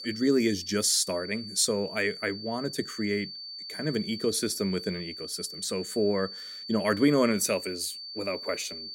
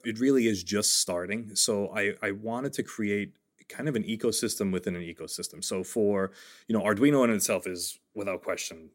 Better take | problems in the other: second | high-pitched whine; loud; throughout; 4.5 kHz, 10 dB below the speech

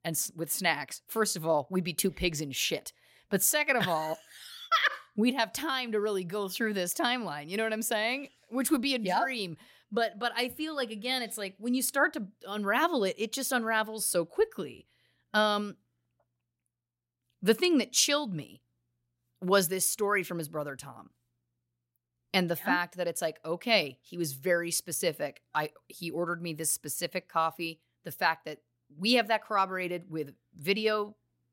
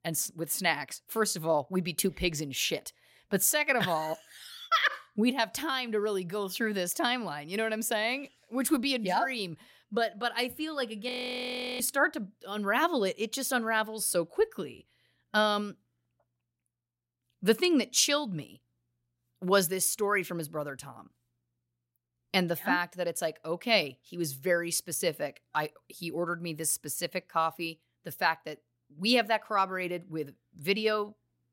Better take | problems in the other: first | audio freezing; at 11 s for 0.5 s

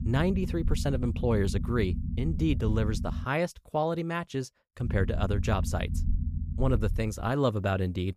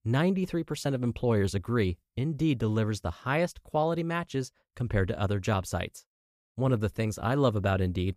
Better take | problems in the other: second | low rumble; noticeable; until 3 s and from 5 to 7.5 s; 15 dB below the speech

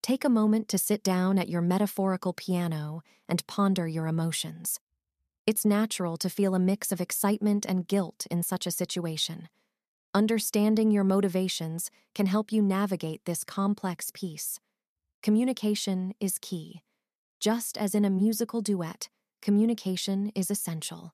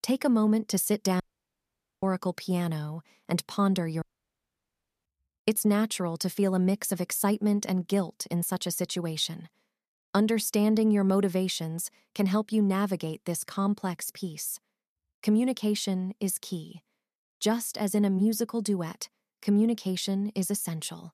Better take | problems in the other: first | audio cutting out; at 1 s for 1 s and at 4 s for 1 s

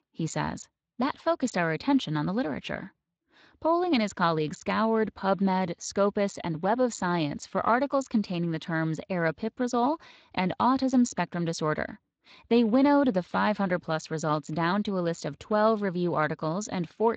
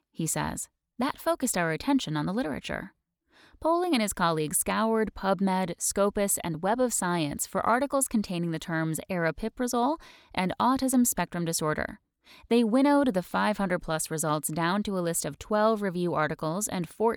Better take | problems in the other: second | garbled, watery; slightly; nothing above 7.5 kHz

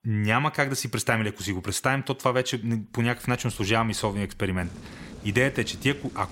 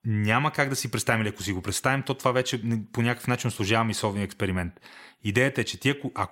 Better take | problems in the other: second | rain or running water; noticeable; from 3 s on; 20 dB below the speech

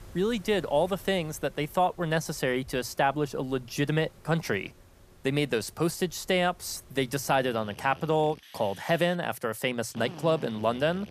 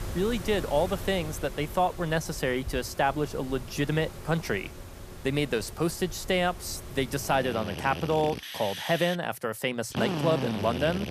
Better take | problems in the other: first | machinery noise; loud; throughout; 9 dB below the speech; faint in the first

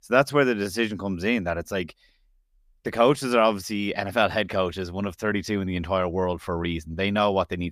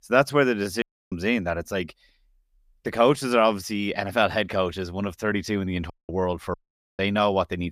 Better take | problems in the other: first | audio cutting out; at 1 s, at 6 s and at 6.5 s

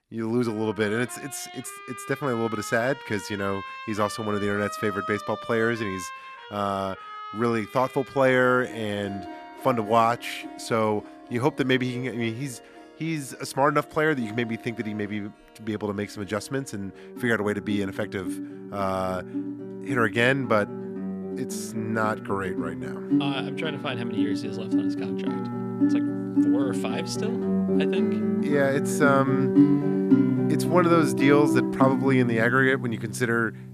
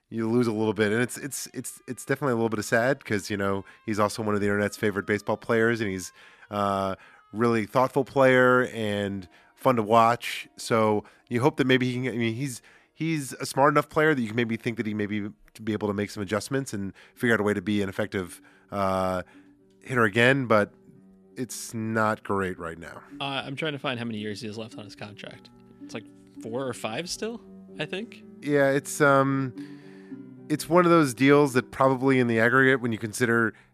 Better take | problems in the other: second | background music; loud; throughout; 2 dB below the speech; faint in the second

